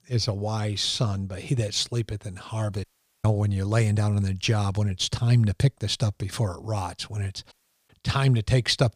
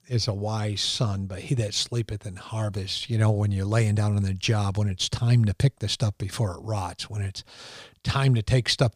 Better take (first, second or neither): second